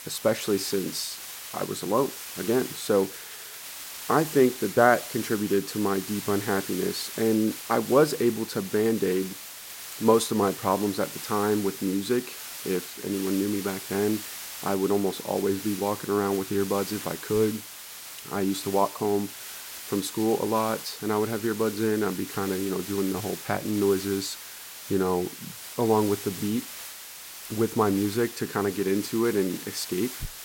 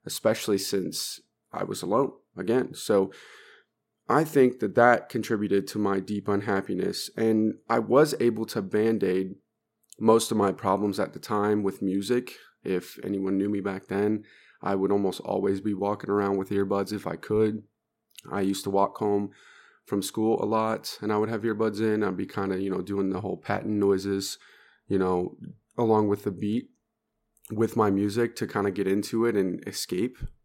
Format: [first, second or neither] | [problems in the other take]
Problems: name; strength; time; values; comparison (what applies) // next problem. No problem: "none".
second | hiss; loud; throughout; 10 dB below the speech